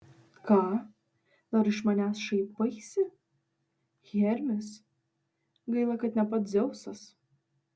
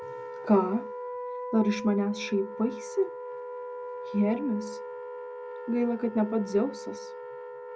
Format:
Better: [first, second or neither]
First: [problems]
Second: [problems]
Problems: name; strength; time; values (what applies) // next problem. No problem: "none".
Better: first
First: none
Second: background sound (Wind instrument, woodwind instrument); 9 dB below the speech